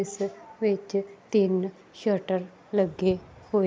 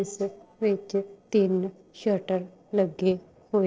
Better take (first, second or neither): first